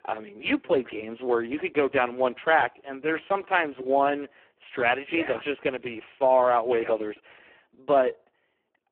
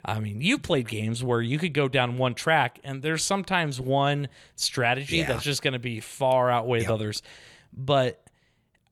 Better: second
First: phone-call audio; poor line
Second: none

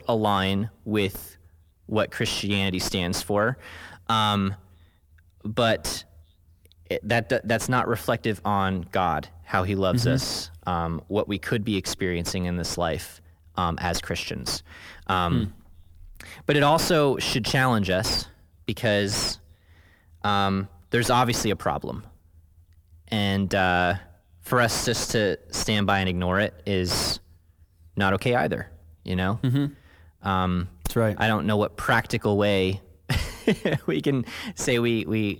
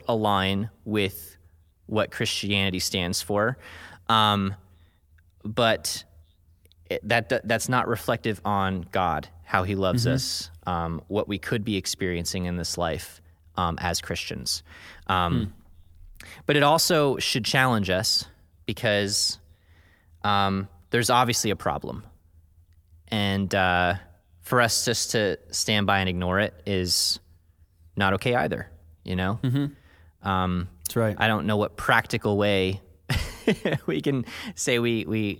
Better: second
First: distortion; slight; 8 dB below the speech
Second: none

